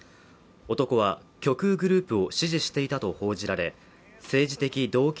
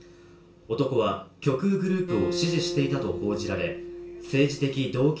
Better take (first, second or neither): first